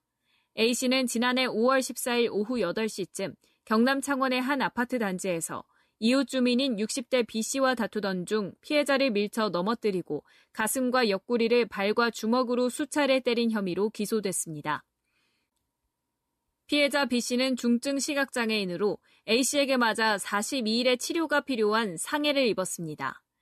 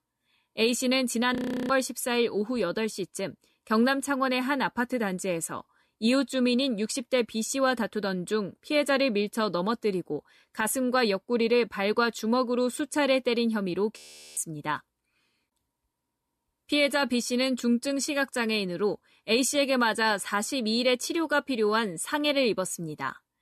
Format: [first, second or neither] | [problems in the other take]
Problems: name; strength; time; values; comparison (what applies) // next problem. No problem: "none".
first | audio freezing; at 1.5 s and at 14 s